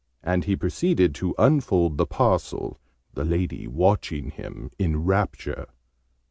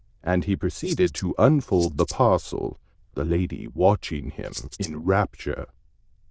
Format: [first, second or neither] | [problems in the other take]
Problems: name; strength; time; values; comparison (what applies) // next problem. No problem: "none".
first | noise reduction (neural diffusion model UNIVERSE++)